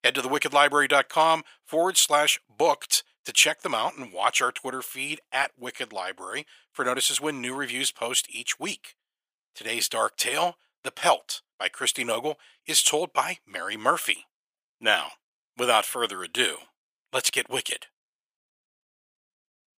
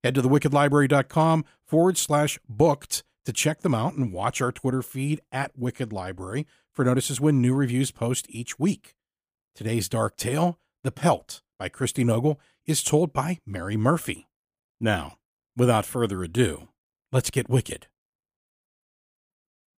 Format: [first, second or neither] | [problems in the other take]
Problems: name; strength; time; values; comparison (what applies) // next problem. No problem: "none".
second | thin; very; fading below 700 Hz